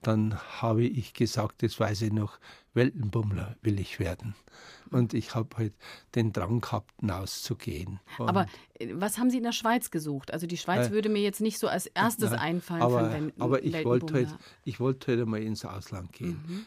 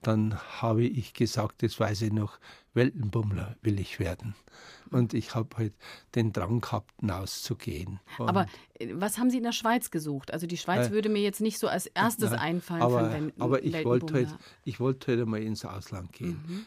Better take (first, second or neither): neither